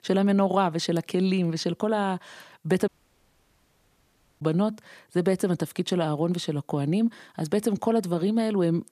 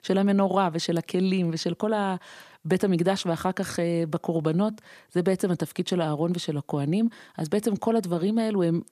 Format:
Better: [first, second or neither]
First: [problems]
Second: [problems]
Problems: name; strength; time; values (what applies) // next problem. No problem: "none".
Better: second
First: audio cutting out; at 3 s for 1.5 s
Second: none